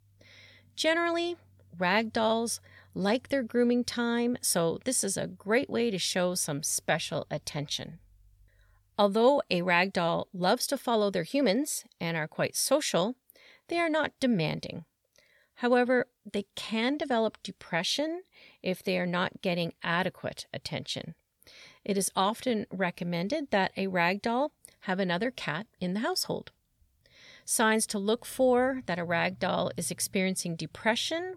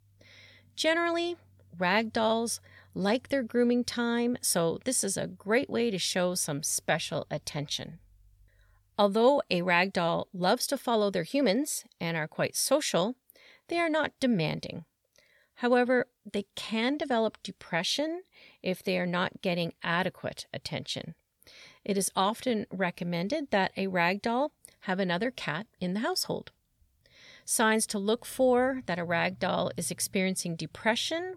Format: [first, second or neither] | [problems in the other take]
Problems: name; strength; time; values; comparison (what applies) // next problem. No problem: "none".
neither | none